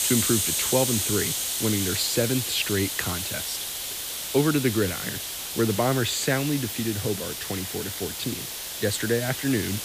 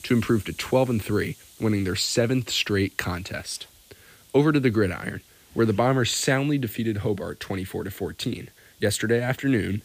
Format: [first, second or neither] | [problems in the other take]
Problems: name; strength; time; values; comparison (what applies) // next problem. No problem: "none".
second | hiss; loud; throughout; 1 dB below the speech; faint in the second